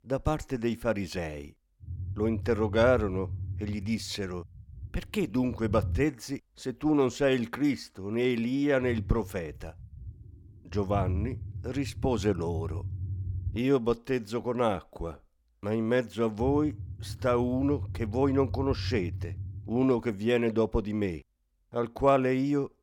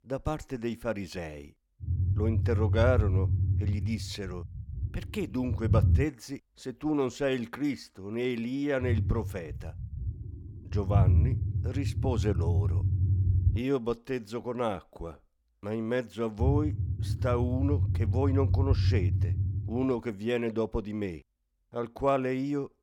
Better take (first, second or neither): first